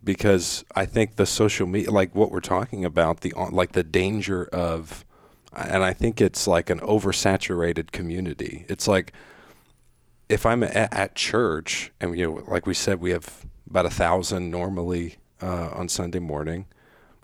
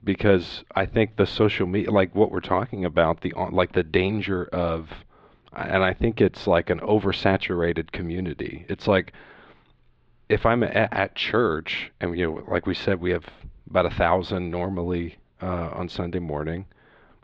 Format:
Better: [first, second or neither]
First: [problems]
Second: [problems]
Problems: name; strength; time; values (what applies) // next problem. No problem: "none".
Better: first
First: none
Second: muffled; slightly; fading above 4 kHz